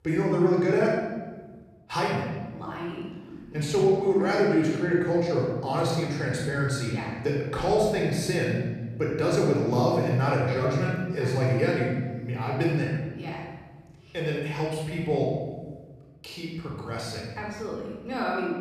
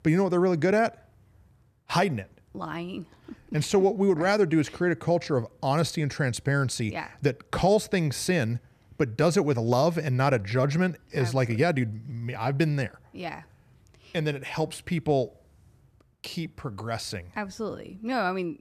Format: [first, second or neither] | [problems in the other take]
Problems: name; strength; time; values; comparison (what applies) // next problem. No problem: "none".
second | off-mic speech; far // room echo; noticeable; dies away in 1.1 s